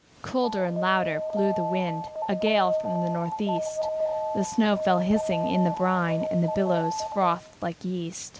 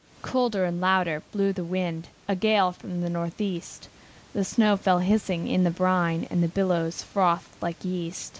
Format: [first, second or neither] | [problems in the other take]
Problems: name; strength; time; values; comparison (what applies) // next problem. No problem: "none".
second | background sound (Alarm); 4 dB below the speech